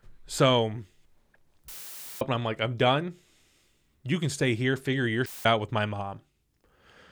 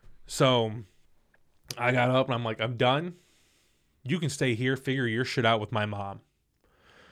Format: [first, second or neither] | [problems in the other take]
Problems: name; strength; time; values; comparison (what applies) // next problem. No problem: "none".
second | audio cutting out; filled with static; at 1.5 s for 0.5 s and at 5.5 s